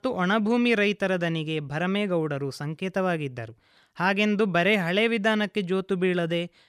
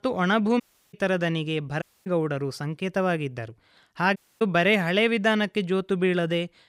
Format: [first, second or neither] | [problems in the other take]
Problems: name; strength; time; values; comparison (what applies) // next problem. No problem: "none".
first | audio cutting out; at 0.5 s, at 2 s and at 4 s